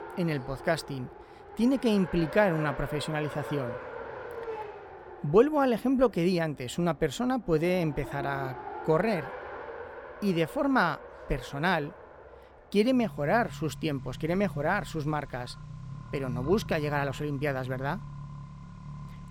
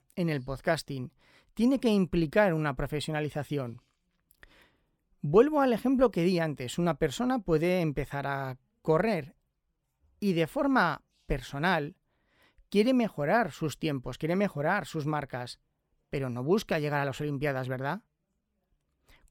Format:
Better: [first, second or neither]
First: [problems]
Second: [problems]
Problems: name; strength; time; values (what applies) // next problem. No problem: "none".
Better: second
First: traffic noise; noticeable; throughout; 15 dB below the speech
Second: none